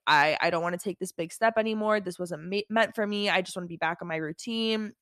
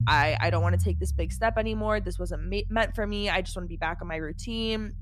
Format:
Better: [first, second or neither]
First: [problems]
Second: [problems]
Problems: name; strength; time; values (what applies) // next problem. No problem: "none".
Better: first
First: none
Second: low rumble; faint; throughout; 20 dB below the speech